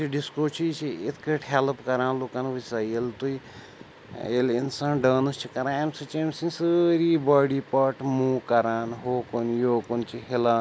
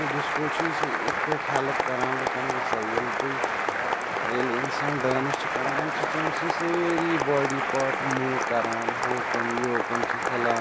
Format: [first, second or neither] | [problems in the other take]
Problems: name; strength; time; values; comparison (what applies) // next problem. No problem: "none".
first | background sound (Applause); 3 dB above the speech